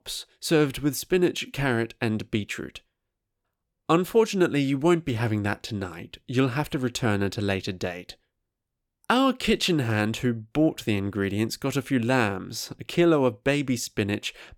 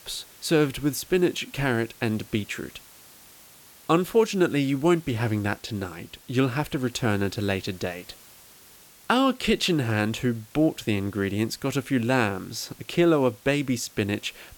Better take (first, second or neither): first